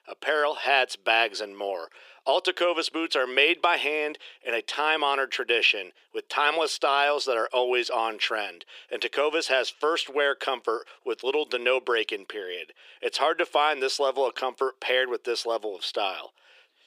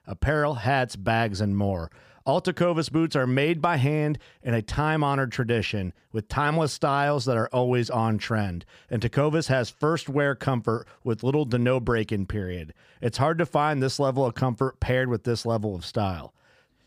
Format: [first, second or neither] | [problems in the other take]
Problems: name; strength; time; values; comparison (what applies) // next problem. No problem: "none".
second | thin; very; fading below 350 Hz